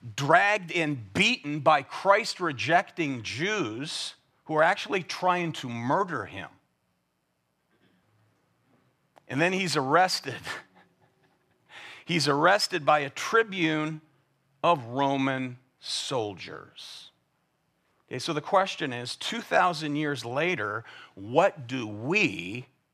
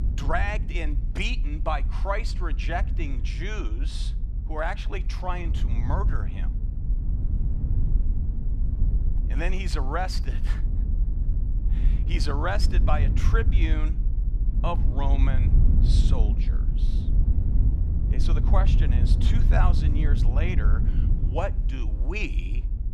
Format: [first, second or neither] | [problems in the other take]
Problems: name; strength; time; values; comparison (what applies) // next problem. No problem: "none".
first | low rumble; noticeable; throughout; 10 dB below the speech